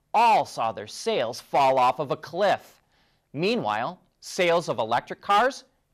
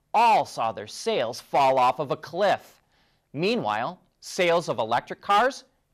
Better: neither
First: distortion; slight; 4% of the sound clipped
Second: distortion; slight; 4% of the sound clipped

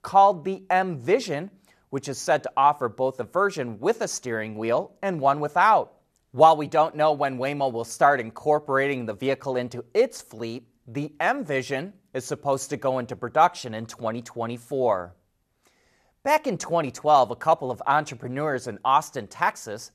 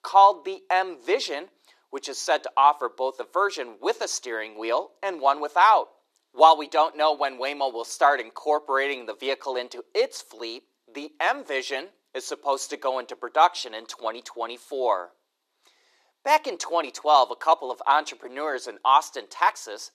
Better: first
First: none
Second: thin; somewhat; fading below 300 Hz

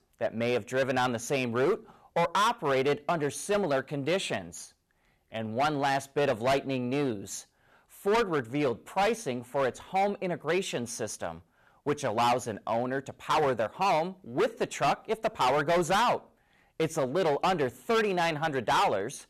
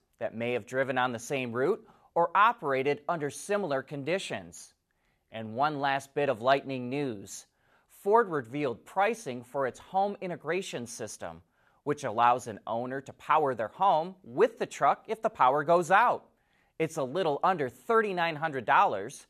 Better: second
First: distortion; heavy; 11% of the sound clipped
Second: none

